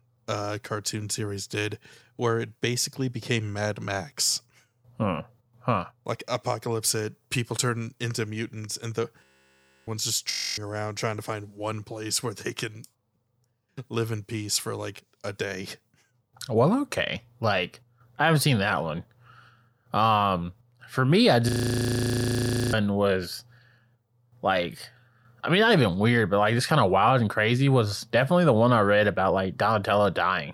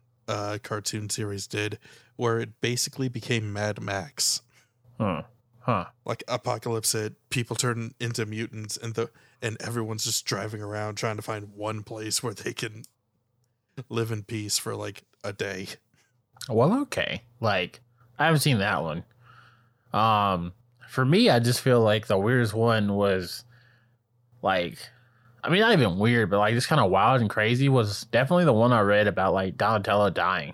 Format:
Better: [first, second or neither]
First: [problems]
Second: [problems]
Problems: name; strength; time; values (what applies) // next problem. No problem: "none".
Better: second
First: audio freezing; at 9 s for 0.5 s, at 10 s and at 21 s for 1 s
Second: none